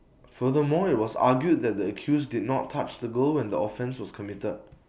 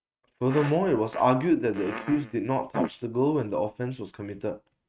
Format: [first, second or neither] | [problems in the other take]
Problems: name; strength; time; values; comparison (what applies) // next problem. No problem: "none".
first | noise reduction (neural mask model RNNoise)